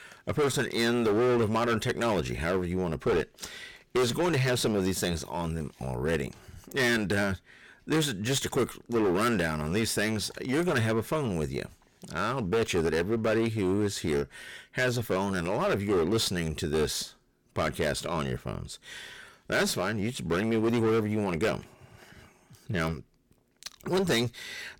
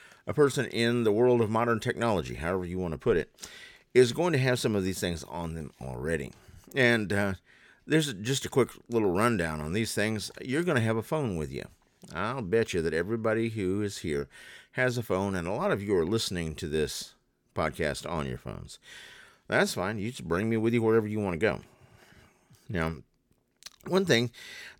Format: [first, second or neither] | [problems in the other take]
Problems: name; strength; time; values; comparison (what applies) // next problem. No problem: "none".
second | distortion; heavy; 14% of the sound clipped